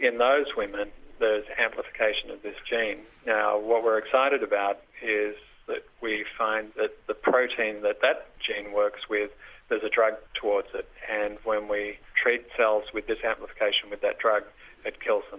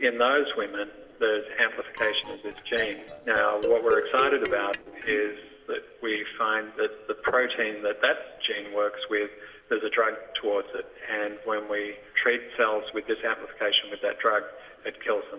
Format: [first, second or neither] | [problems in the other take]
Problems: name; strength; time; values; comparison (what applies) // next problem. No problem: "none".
first | noise reduction (neural separator model SepFormer DNS4)